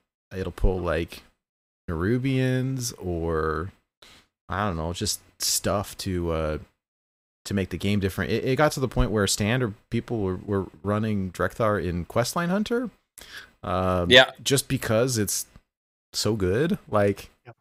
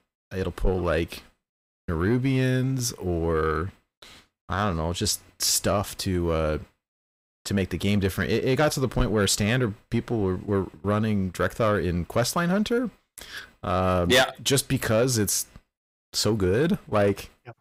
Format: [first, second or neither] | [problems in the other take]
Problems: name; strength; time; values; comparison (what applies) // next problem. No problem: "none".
first | distortion; slight; 10 dB below the speech